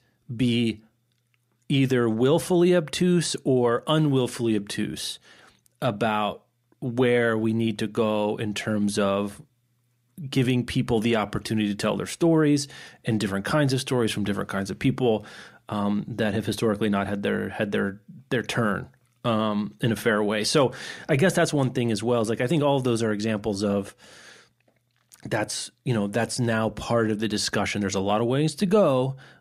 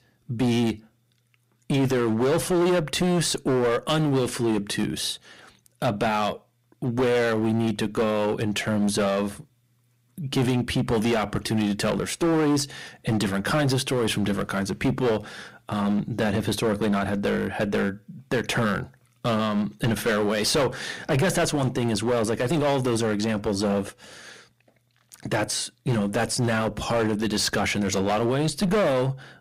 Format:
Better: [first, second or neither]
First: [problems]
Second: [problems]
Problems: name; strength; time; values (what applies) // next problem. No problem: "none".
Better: first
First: none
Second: distortion; heavy; 15% of the sound clipped